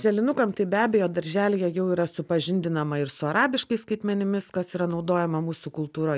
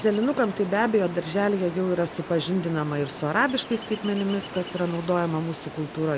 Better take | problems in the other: first | background sound (Ocean); 13 dB below the speech

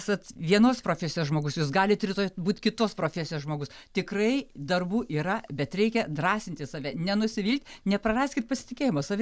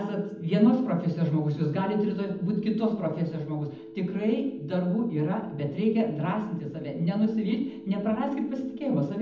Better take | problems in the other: first | background sound (Telephone); 17 dB below the speech // room echo; dies away in 0.8 s

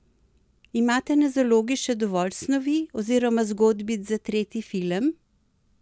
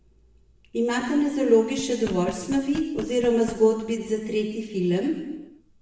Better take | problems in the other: first | background sound (Knock); 15 dB below the speech // room echo; dies away in 1 s

